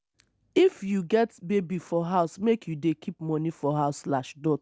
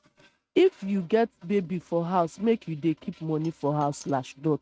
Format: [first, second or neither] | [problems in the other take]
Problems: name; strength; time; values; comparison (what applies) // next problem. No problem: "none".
first | noise reduction (neural mask model RNNoise)